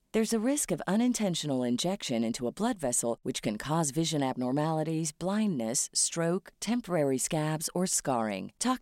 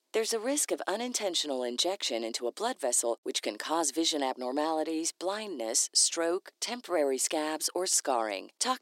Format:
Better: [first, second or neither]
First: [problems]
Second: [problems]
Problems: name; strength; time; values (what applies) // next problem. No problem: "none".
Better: first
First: none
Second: thin; somewhat; fading below 300 Hz